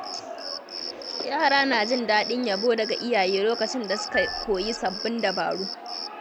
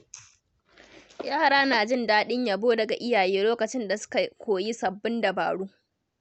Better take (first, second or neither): second